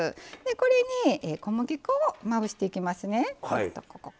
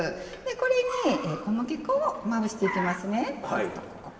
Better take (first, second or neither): first